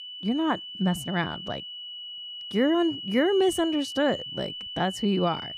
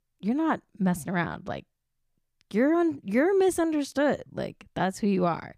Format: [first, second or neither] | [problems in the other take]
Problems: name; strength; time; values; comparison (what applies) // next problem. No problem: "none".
second | high-pitched whine; loud; throughout; 3 kHz, 9 dB below the speech